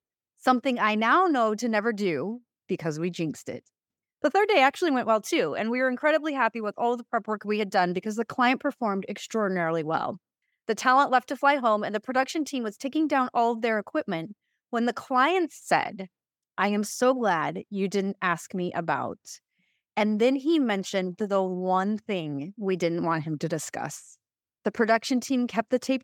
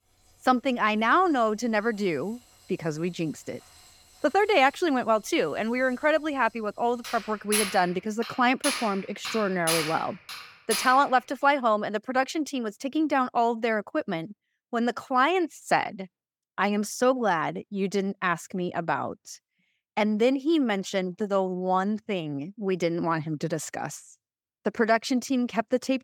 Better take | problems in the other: first | household noises; loud; until 11 s; 6 dB below the speech

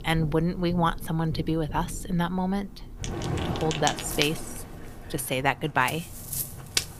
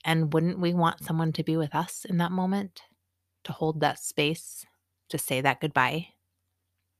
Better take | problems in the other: second | rain or running water; loud; throughout; 7 dB below the speech

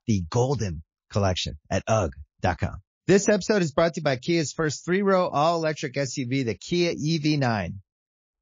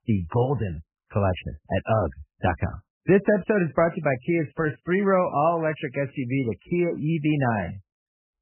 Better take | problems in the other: first | garbled, watery; badly; nothing above 3 kHz; slightly in the first

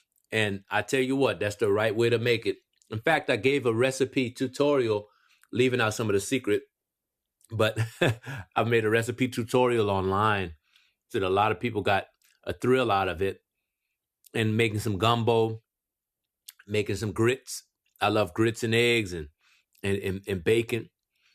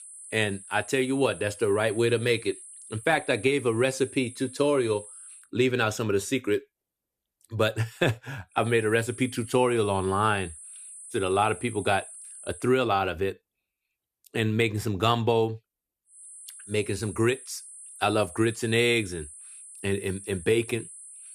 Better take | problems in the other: first | high-pitched whine; noticeable; until 5.5 s, from 8.5 to 13 s and from 16 s on; 10 kHz, 15 dB below the speech

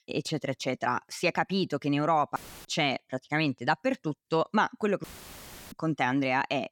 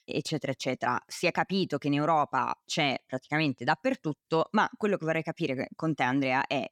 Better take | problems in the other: second | audio cutting out; filled with static; at 2.5 s and at 5 s for 0.5 s

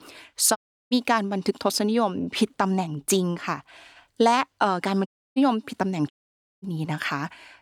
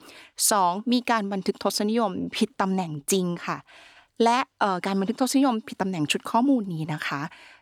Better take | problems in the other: second | audio cutting out; at 0.5 s, at 5 s and at 6 s for 0.5 s

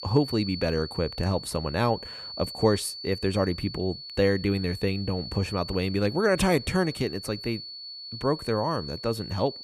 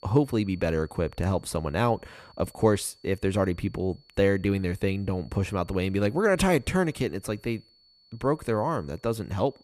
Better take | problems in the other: second | high-pitched whine; loud; throughout; 4.5 kHz, 10 dB below the speech; faint in the second

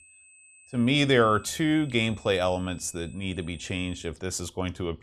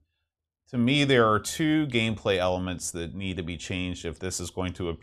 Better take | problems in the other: second | high-pitched whine; faint; until 4 s; 2.5 kHz, 25 dB below the speech

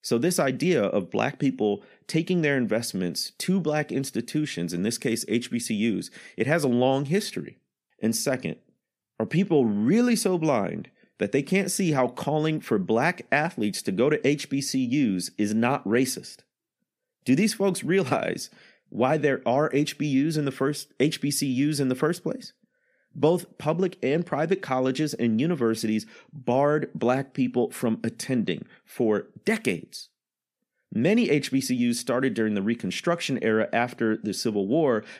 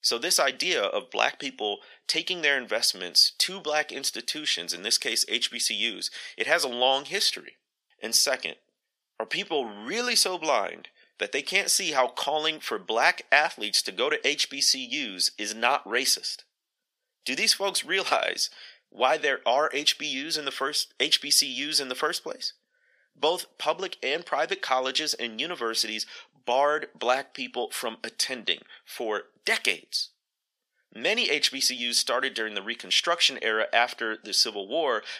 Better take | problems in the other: first | thin; very; fading below 800 Hz

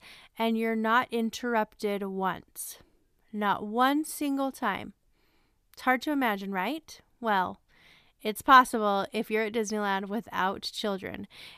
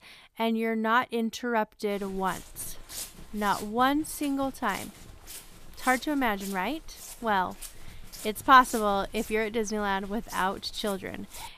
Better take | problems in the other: first | footsteps; faint; from 2 s on; peak 10 dB below the speech

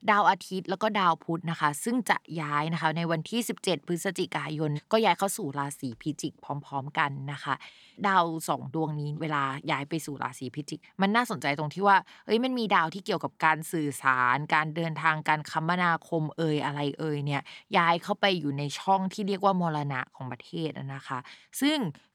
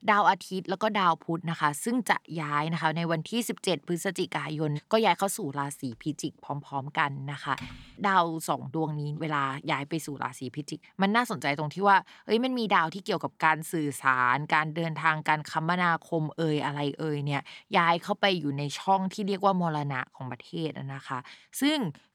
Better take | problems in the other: first | keyboard typing; faint; at 7.5 s; peak 15 dB below the speech

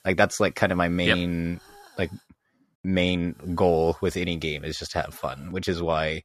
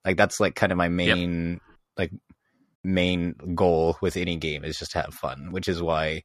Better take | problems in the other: second | hiss; faint; until 2 s and from 3.5 to 5.5 s; 30 dB below the speech

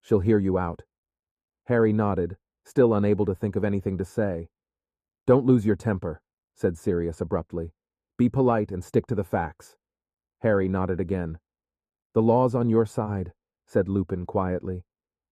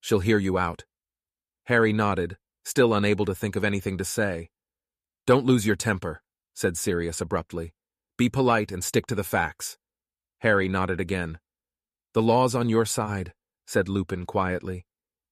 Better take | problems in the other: second | muffled; very; fading above 1.5 kHz

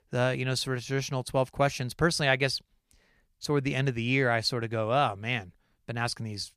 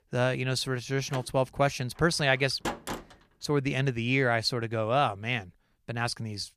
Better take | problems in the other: first | door banging; noticeable; from 1 to 3 s; peak 6 dB below the speech

